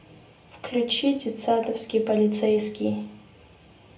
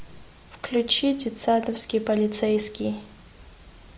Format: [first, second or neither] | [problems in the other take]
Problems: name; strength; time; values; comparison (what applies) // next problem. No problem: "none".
second | room echo; dies away in 0.3 s